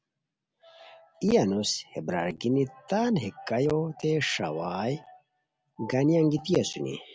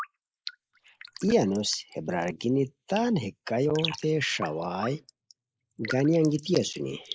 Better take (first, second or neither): first